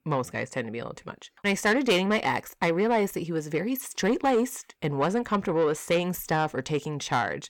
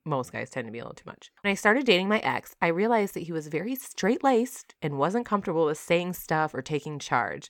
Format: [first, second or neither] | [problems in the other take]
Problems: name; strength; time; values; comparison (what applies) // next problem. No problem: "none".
second | distortion; slight; 10 dB below the speech